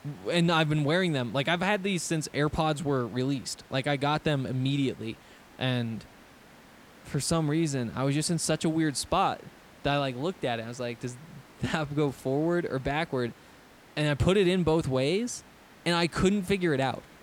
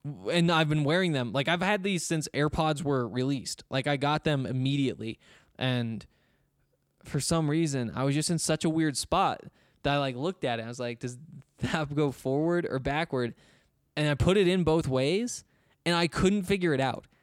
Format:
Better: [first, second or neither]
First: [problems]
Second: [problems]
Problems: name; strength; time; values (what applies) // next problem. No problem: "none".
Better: second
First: hiss; faint; throughout; 25 dB below the speech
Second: none